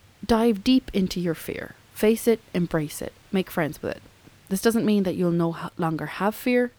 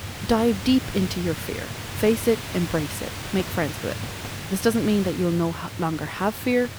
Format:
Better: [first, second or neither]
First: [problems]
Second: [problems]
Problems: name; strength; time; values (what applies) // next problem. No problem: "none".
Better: first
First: hiss; faint; throughout; 30 dB below the speech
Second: hiss; loud; throughout; 8 dB below the speech